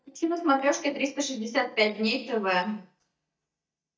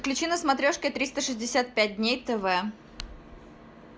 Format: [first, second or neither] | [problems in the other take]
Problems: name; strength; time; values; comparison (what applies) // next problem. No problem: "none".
second | noise reduction (neural mask model DeepFilterNet 3)